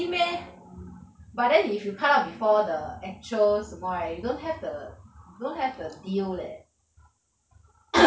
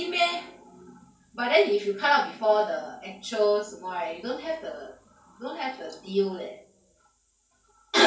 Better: first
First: none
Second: room echo; dies away in 0.3 s

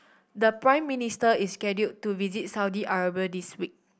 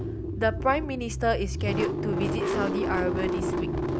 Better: first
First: none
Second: background sound (Engine starting / Car); 1 dB above the speech

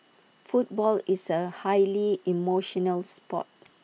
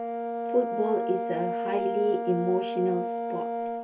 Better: first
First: none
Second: background sound (Brass instrument); 2 dB below the speech // room echo; dies away in 0.2 s

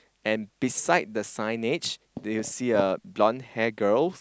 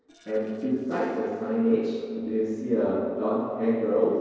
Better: first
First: none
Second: noise reduction (neural separator model SepFormer DNS4)

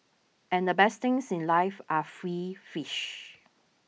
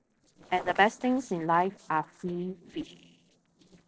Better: first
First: none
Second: noise reduction (neural separator model SepFormer DNS4)

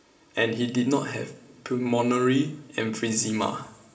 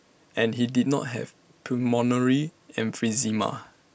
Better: second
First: room echo; dies away in 1.2 s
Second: none

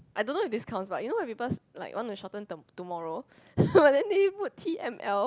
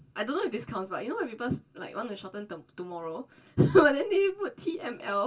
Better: first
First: none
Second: room echo; dies away in 0.1 s

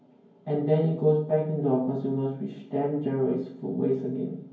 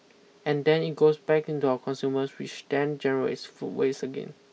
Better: second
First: room echo; dies away in 0.9 s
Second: none

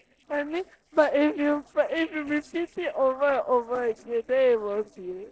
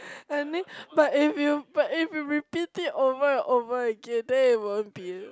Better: second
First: noise reduction (neural separator model SepFormer DNS4)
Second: none

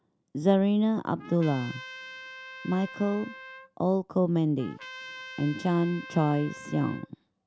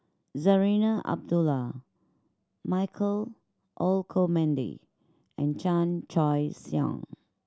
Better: second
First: background sound (Trumpet); 16 dB below the speech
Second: none

